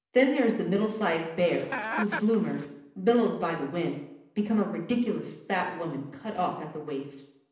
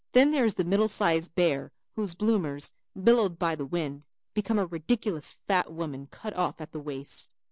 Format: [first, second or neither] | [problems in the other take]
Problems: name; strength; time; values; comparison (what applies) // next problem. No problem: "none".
second | background sound (Chicken, rooster); 6 dB below the speech // room echo; dies away in 0.8 s